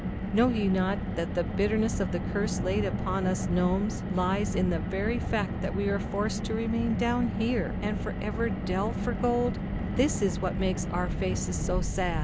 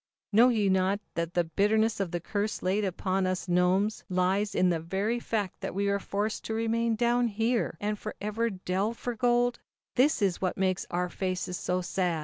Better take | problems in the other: second | background sound (Car); 1 dB below the speech

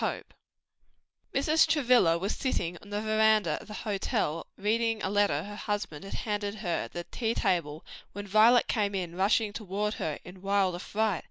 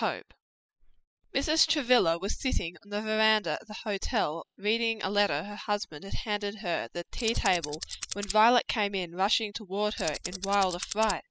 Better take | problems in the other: first | noise reduction (classical method spectral subtraction)

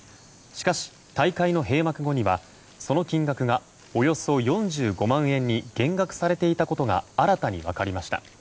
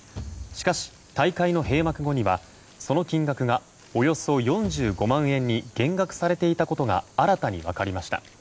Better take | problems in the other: first | background sound (Bass drum / Thump, thud); 16 dB below the speech

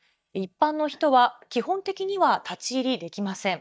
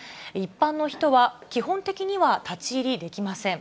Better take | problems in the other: second | noise reduction (neural mask model DeepFilterNet 3)

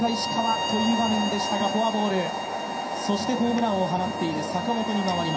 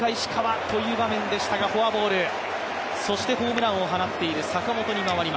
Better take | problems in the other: second | background sound (Bowed string instrument); 8 dB below the speech // room echo; dies away in 0.3 s

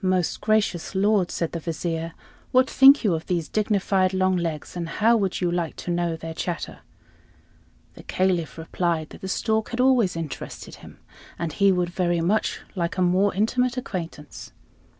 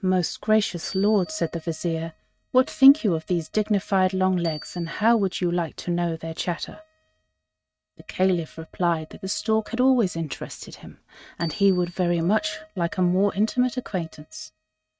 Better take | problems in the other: first | noise reduction (neural mask model RNNoise)

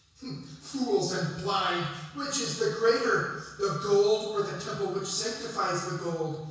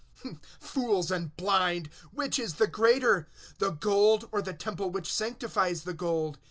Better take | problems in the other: second | room echo; dies away in 1.1 s

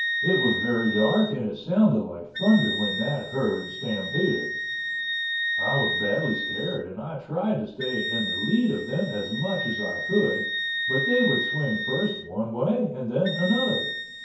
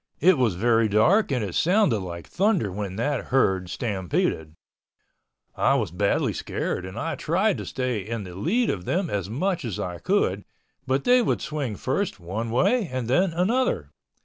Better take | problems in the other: second | background sound (Wind instrument, woodwind instrument); 4 dB below the speech // room echo; dies away in 0.6 s

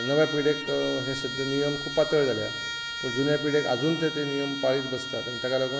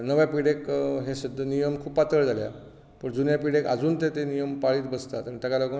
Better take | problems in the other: second | background sound (Trumpet); 7 dB below the speech

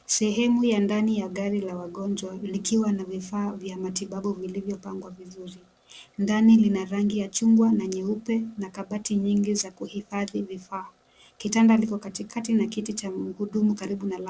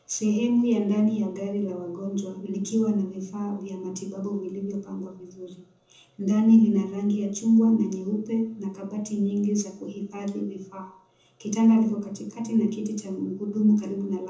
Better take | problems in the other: first | room echo; dies away in 0.6 s

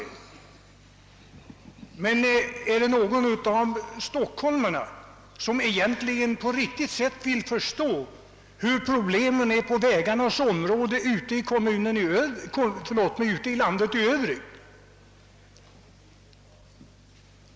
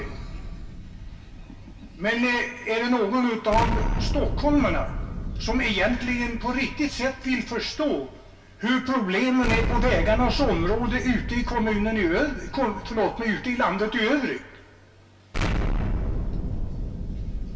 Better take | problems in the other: first | background sound (Explosion); 4 dB below the speech // room echo; dies away in 0.2 s

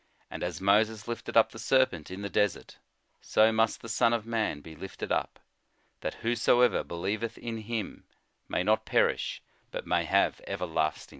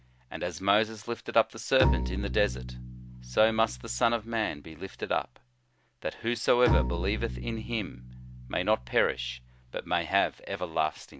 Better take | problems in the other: first | background sound (Bowed string instrument); 6 dB below the speech

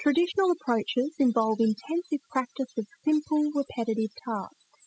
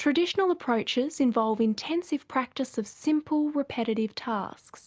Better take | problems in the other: second | noise reduction (classical method spectral subtraction)

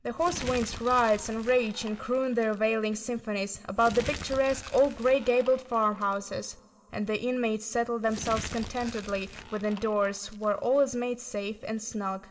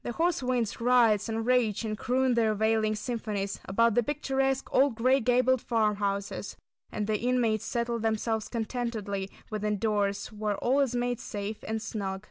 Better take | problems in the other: second | background sound (Crumpling, crinkling); 14 dB below the speech // room echo; dies away in 2.5 s

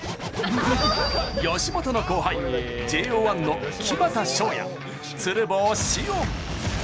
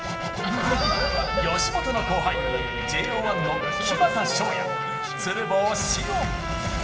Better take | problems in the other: first | background sound (Trumpet); 5 dB below the speech // room echo; dies away in 1.9 s

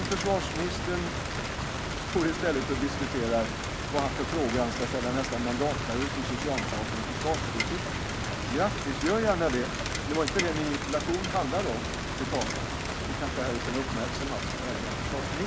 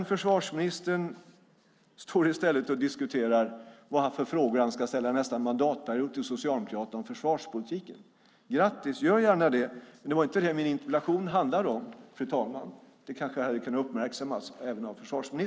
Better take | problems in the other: second | background sound (Rain); as loud as the speech

